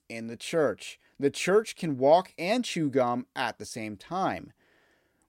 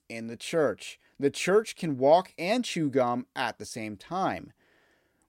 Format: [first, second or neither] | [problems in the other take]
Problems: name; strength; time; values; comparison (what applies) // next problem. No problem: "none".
neither | none